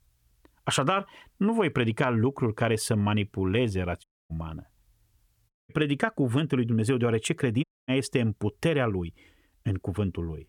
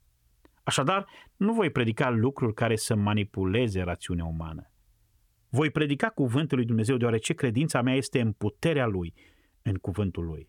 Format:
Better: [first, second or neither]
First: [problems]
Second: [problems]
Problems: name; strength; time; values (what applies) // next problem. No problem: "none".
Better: second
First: audio cutting out; at 4 s, at 5.5 s and at 7.5 s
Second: none